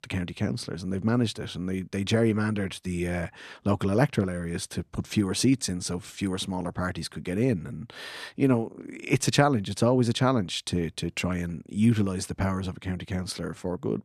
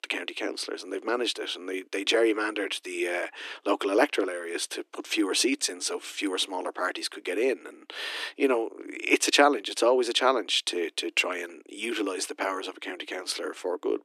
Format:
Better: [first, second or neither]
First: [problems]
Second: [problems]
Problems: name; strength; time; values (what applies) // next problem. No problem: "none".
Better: first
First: none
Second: thin; very; fading below 300 Hz